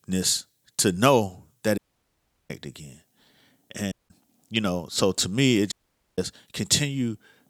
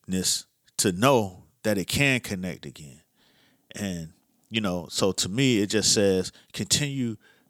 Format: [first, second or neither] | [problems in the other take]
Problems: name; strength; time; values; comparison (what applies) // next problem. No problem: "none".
second | audio cutting out; at 2 s for 0.5 s, at 4 s and at 5.5 s